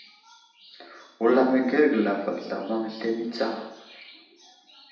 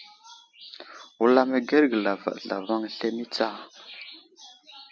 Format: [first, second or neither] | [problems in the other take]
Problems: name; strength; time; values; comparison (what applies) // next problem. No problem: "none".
second | room echo; dies away in 0.8 s